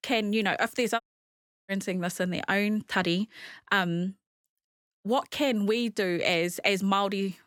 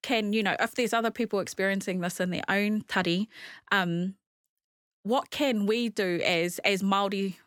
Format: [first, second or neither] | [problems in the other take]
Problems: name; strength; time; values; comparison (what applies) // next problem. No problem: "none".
second | audio cutting out; at 1 s for 0.5 s